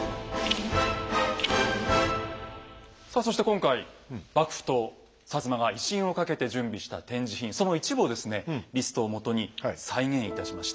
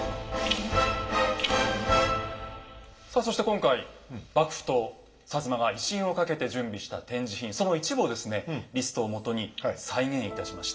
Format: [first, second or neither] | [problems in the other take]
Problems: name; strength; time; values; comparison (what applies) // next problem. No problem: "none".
first | room echo; dies away in 0.4 s